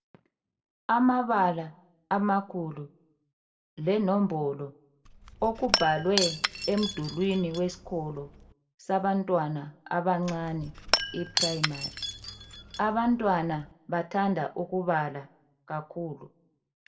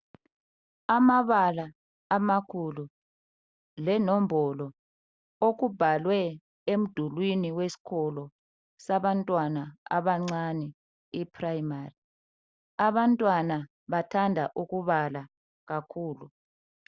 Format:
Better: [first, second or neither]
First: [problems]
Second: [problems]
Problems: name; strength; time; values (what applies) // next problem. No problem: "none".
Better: second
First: background sound (Shatter / Crushing); 4 dB below the speech // room echo; dies away in 0.5 s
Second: none